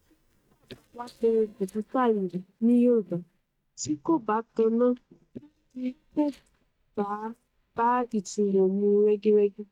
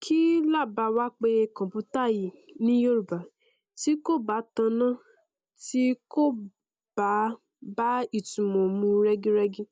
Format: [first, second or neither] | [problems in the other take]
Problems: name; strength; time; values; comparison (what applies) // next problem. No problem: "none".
second | noise reduction (neural mask model DeepFilterNet 3)